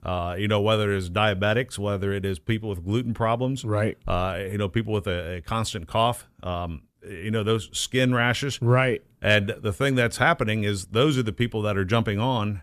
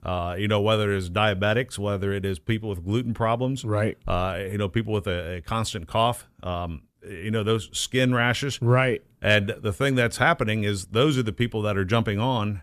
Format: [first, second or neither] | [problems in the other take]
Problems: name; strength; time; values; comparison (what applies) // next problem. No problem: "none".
neither | none